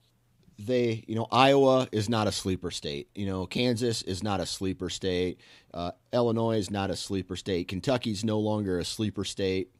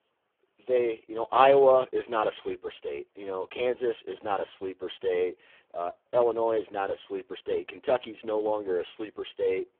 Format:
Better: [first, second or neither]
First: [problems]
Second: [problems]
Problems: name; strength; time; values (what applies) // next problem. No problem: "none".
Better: first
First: none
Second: phone-call audio; poor line